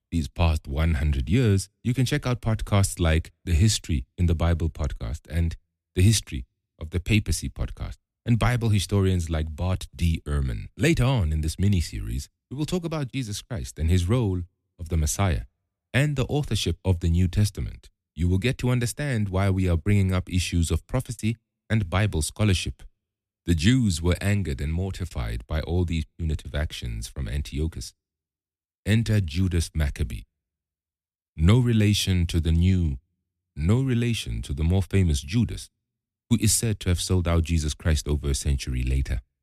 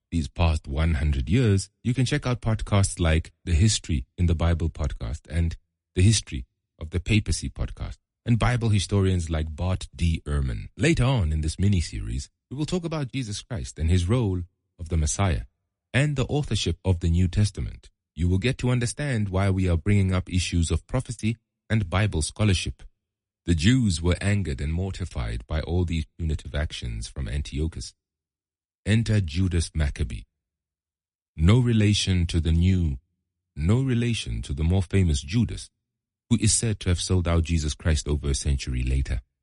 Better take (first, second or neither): first